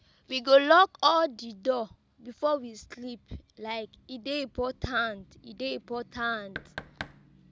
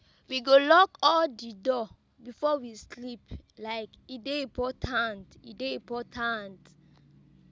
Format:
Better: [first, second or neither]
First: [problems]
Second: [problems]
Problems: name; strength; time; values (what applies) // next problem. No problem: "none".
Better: second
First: background sound (Knock); 15 dB below the speech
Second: none